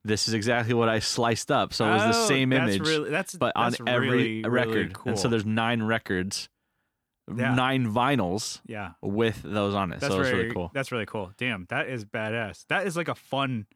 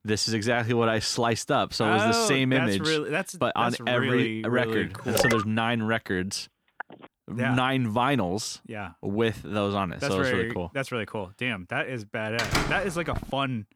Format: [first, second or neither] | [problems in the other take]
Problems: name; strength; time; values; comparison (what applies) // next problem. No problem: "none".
first | phone ringing; loud; at 5 s; peak 1 dB above the speech // phone ringing; faint; at 7 s; peak 15 dB below the speech // door banging; noticeable; at 12 s; peak level with the speech